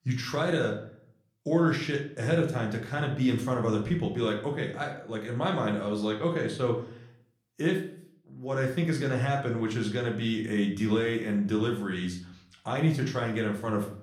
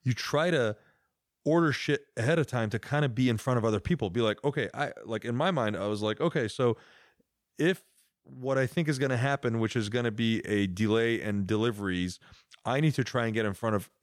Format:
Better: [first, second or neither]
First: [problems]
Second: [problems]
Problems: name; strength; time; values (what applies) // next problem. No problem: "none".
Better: second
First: room echo; slight; dies away in 0.5 s // off-mic speech; somewhat distant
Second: none